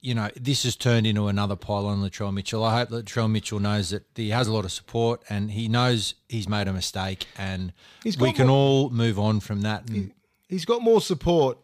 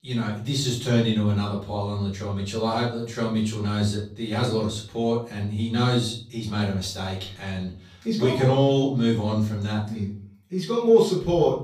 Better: first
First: none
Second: off-mic speech; far // room echo; slight; dies away in 0.4 s

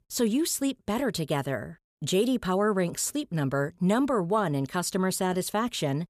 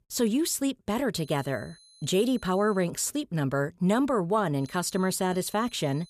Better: first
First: none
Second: high-pitched whine; faint; from 1 to 3 s and from 4.5 s on; 4 kHz, 25 dB below the speech

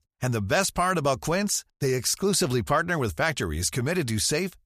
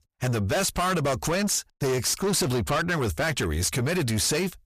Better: first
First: none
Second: distortion; heavy; 8 dB below the speech

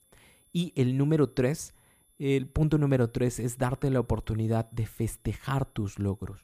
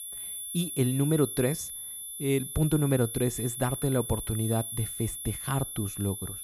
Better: first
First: high-pitched whine; faint; throughout; 11 kHz, 35 dB below the speech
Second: high-pitched whine; loud; throughout; 11 kHz, 6 dB below the speech

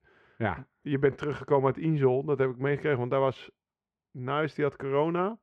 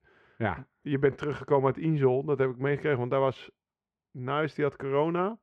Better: neither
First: muffled; very; fading above 2 kHz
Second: muffled; very; fading above 2 kHz

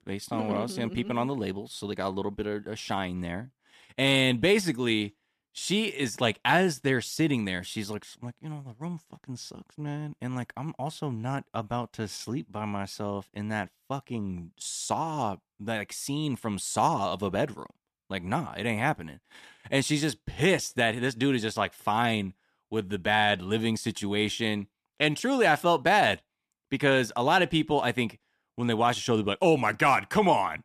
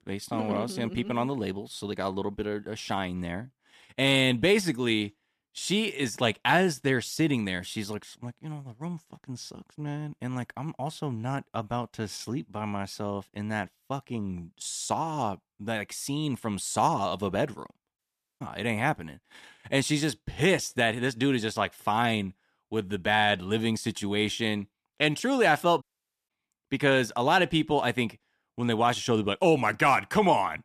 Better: first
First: none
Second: audio cutting out; at 18 s and at 26 s

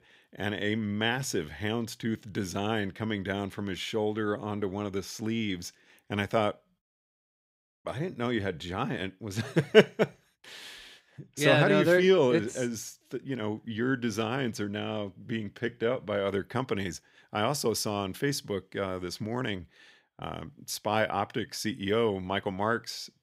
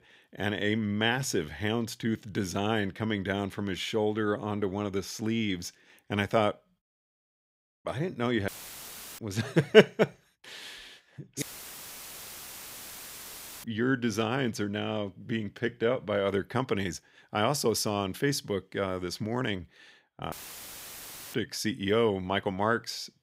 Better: first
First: none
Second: audio cutting out; filled with static; at 8.5 s for 0.5 s, at 11 s for 2 s and at 20 s for 1 s

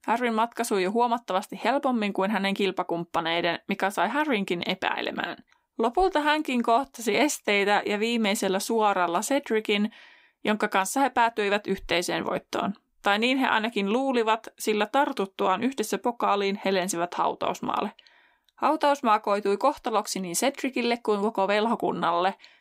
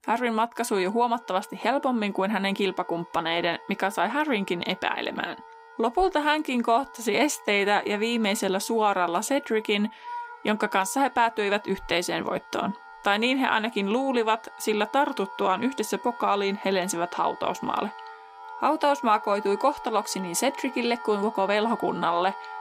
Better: first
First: none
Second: background music; noticeable; throughout; 15 dB below the speech

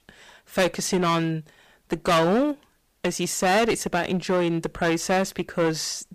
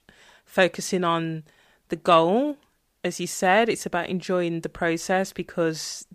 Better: second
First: distortion; heavy; 11% of the sound clipped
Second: none

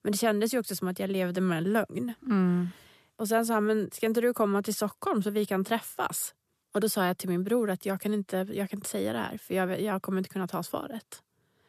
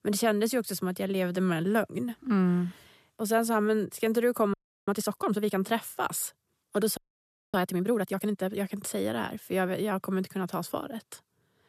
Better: first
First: none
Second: audio freezing; at 4.5 s and at 7 s for 0.5 s

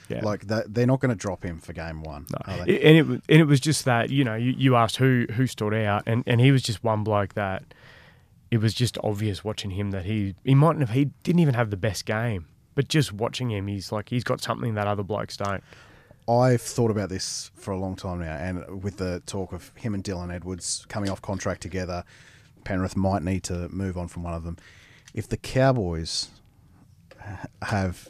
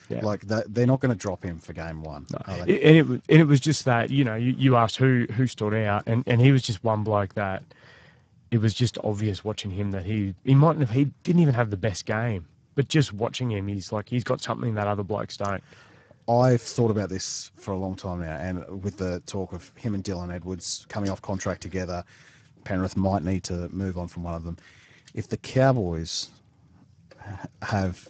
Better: first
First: none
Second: garbled, watery; badly; nothing above 7.5 kHz

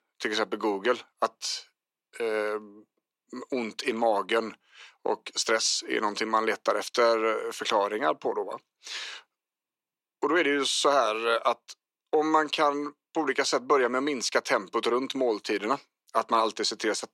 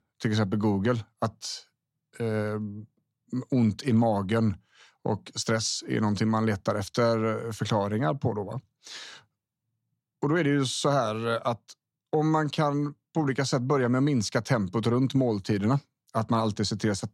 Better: second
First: thin; very; fading below 350 Hz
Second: none

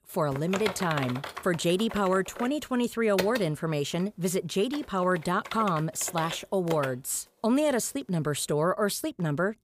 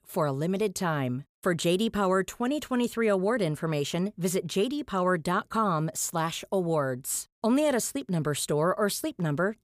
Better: second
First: keyboard typing; noticeable; until 7 s; peak 4 dB below the speech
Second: none

